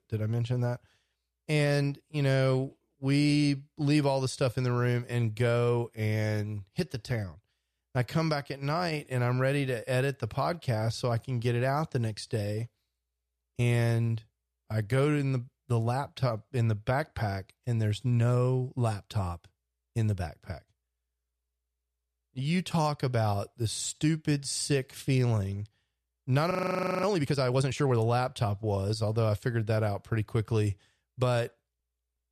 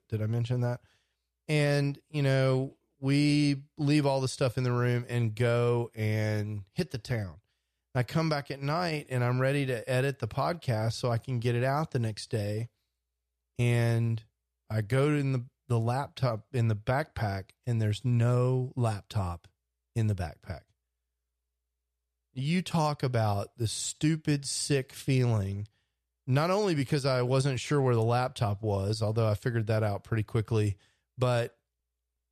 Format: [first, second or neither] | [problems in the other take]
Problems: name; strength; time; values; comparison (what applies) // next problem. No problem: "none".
second | audio freezing; at 27 s for 0.5 s